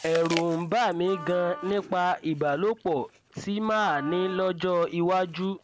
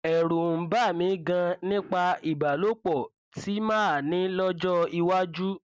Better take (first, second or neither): second